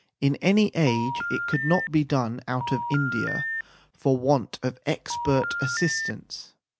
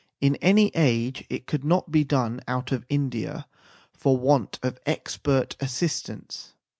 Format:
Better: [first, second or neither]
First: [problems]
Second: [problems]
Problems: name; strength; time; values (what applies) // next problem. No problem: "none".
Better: second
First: background sound (Telephone); 5 dB below the speech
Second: none